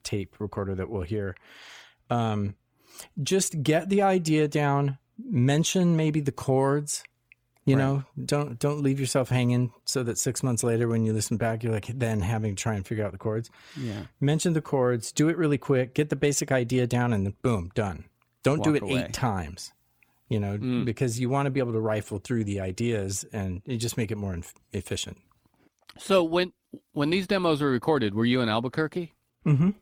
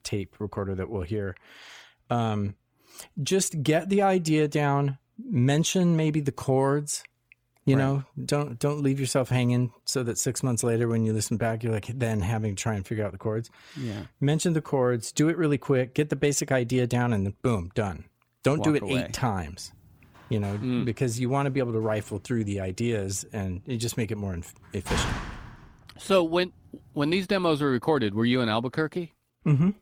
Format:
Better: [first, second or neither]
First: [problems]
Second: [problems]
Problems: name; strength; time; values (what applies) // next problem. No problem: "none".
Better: first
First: none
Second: door banging; noticeable; from 20 to 25 s; peak 2 dB below the speech